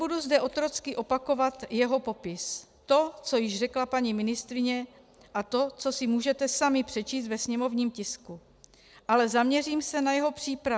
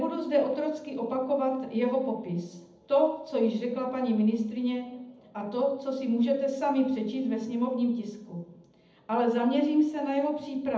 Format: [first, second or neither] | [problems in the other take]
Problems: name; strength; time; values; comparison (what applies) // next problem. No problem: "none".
first | room echo; dies away in 0.8 s